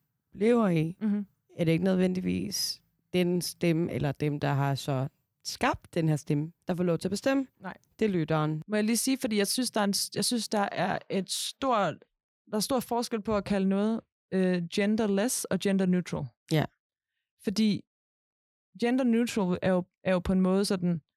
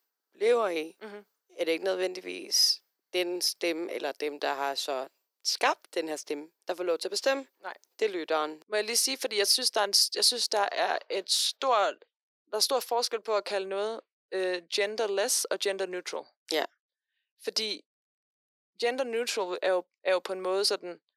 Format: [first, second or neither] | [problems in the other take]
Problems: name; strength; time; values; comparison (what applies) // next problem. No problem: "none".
first | thin; very; fading below 400 Hz